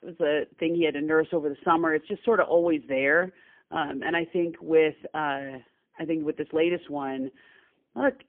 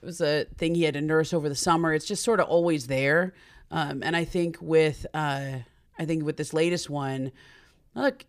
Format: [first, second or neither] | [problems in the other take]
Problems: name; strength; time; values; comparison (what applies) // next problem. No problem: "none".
second | phone-call audio; poor line; nothing above 3 kHz